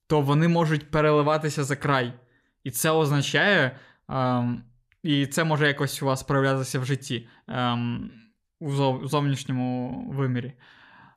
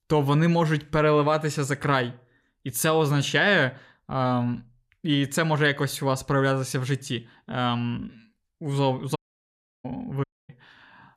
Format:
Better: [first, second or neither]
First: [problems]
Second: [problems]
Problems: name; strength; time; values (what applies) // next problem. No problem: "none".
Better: first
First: none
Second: audio cutting out; at 9 s for 0.5 s and at 10 s